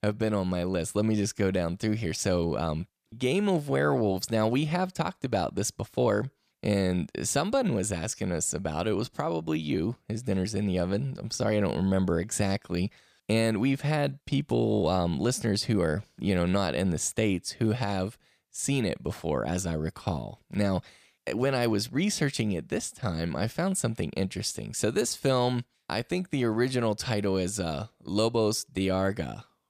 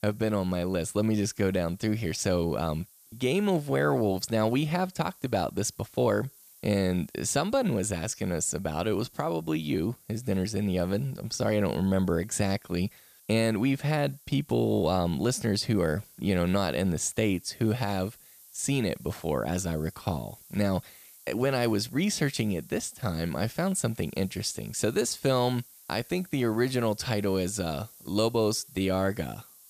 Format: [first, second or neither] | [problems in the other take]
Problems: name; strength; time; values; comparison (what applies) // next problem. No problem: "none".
first | hiss; faint; throughout; 25 dB below the speech